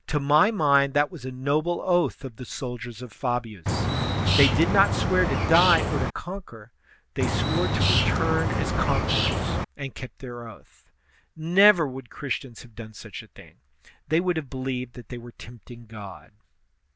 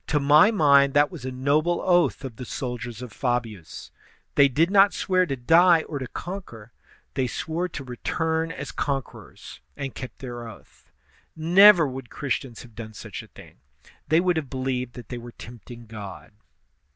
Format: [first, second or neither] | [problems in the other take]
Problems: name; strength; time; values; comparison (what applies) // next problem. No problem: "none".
second | background sound (Bird); 3 dB above the speech